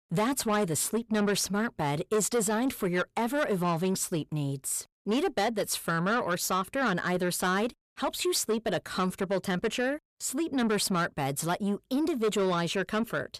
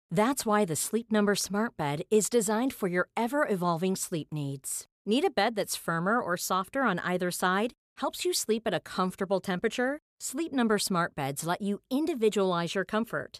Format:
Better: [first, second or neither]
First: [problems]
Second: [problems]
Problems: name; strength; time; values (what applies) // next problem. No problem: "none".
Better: second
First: distortion; slight; 10 dB below the speech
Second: none